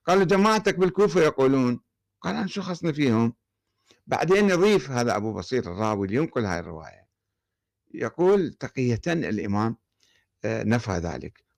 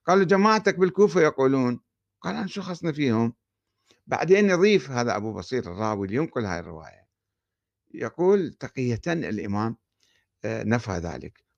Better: second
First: distortion; slight; 4% of the sound clipped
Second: none

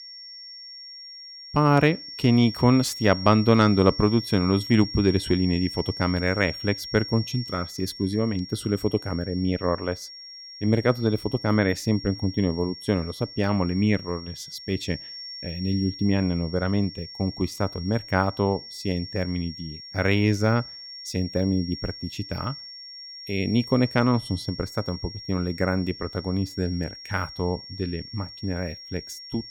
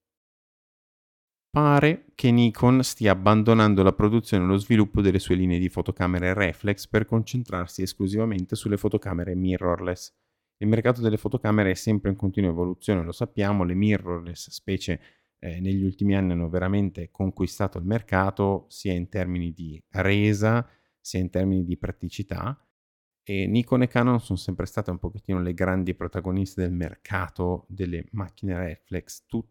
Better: second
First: high-pitched whine; noticeable; throughout; 5.5 kHz, 10 dB below the speech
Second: none

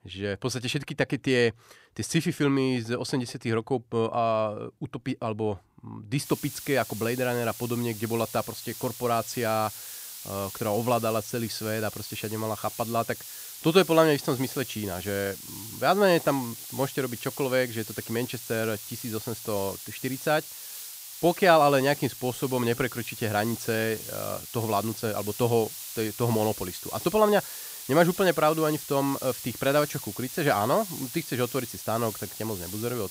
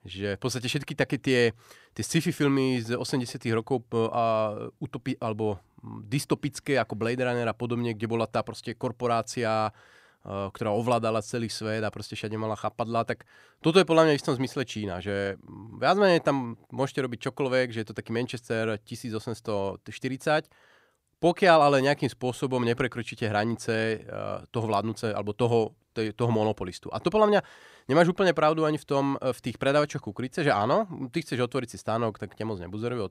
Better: second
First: hiss; loud; from 6 s on; 10 dB below the speech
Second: none

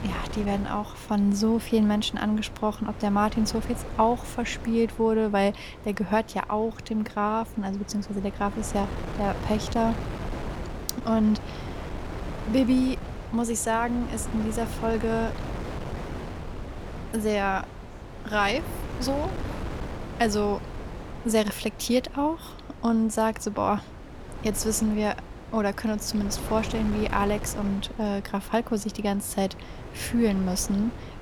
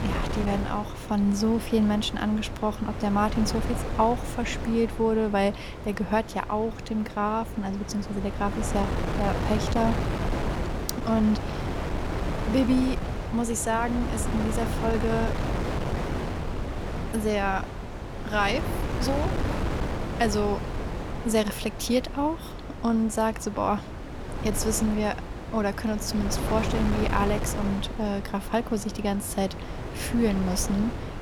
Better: first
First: wind noise on the microphone; occasional gusts; 10 dB below the speech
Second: wind noise on the microphone; heavy; 6 dB below the speech

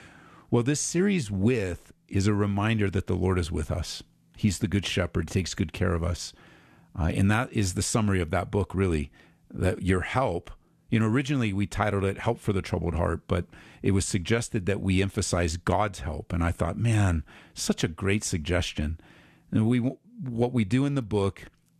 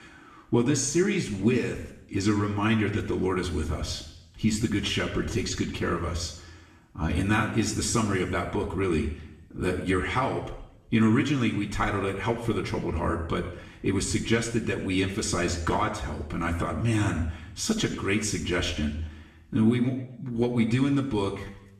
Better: first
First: none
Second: room echo; slight; dies away in 0.7 s // off-mic speech; far

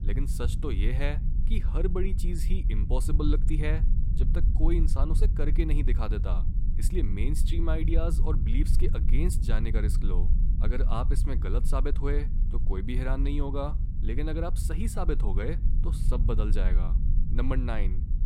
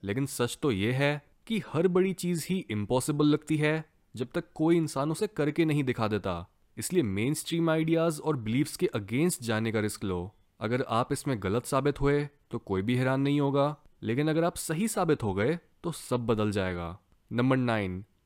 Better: second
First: low rumble; loud; throughout; 9 dB below the speech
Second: none

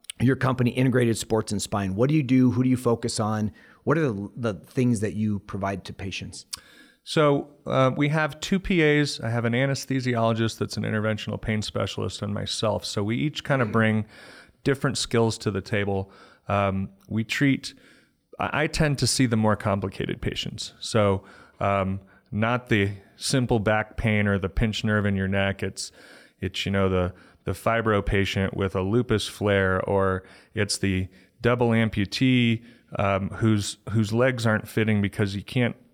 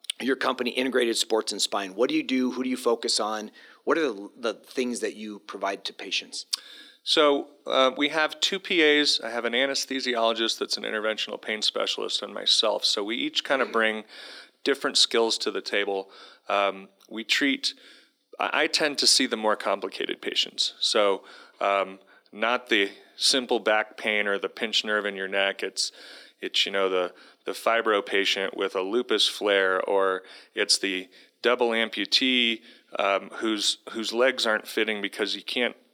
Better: first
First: none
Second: thin; somewhat; fading below 300 Hz

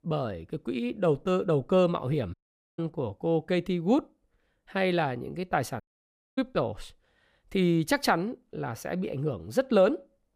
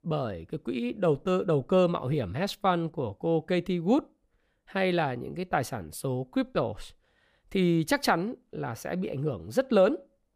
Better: second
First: audio cutting out; at 2.5 s and at 6 s for 0.5 s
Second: none

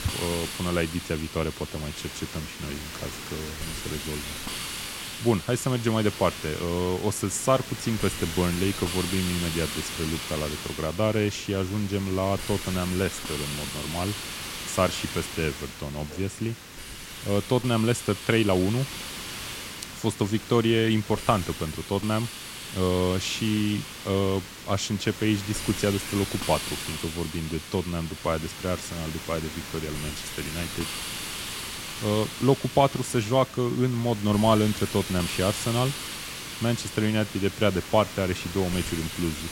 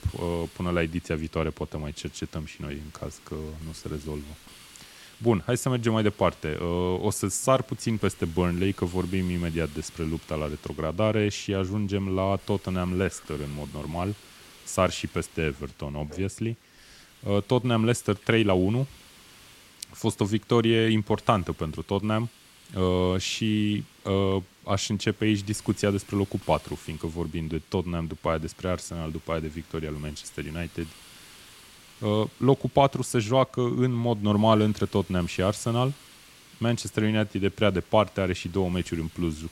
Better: second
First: hiss; loud; throughout; 7 dB below the speech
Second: hiss; faint; throughout; 25 dB below the speech

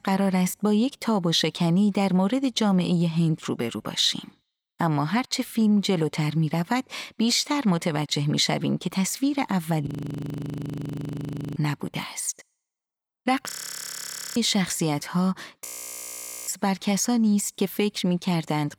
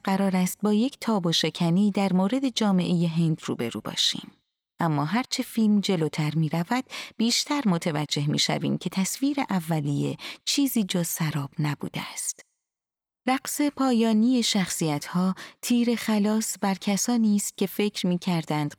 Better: second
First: audio freezing; at 10 s for 1.5 s, at 13 s for 1 s and at 16 s for 1 s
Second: none

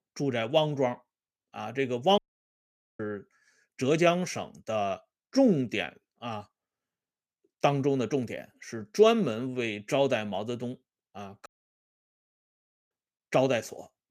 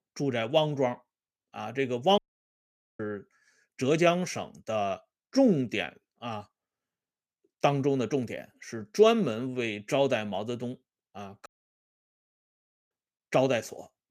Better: neither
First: audio cutting out; at 2 s for 1 s and at 11 s for 1.5 s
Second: audio cutting out; at 2 s for 1 s and at 11 s for 1.5 s

